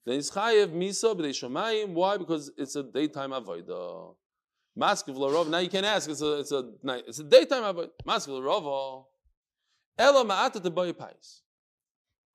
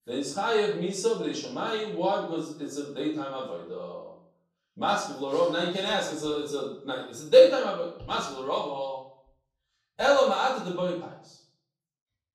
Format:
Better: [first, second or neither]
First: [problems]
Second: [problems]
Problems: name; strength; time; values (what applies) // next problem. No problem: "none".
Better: first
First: none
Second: room echo; noticeable; dies away in 0.5 s // off-mic speech; far